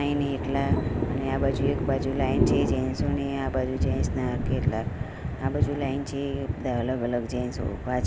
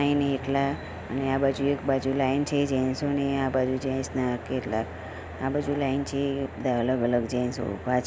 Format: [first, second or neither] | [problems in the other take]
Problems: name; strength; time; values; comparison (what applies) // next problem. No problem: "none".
second | background sound (Thunder); 1 dB above the speech